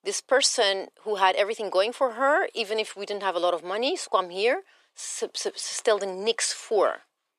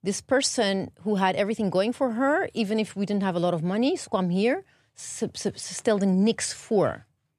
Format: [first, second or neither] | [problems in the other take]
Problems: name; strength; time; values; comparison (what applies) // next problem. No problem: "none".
second | thin; very; fading below 400 Hz